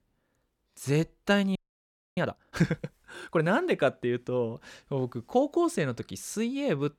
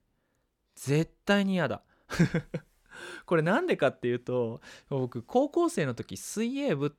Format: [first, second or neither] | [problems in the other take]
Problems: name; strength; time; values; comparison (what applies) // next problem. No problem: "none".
second | audio freezing; at 1.5 s for 0.5 s